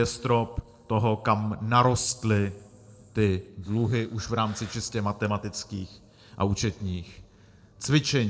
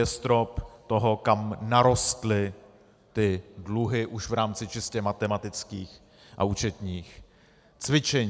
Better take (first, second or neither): second